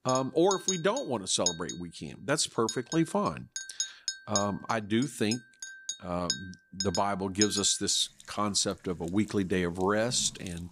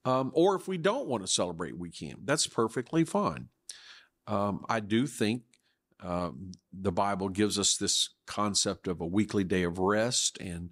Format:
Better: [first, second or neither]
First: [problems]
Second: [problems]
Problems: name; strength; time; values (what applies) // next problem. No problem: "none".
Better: second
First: household noises; loud; throughout; 6 dB below the speech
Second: none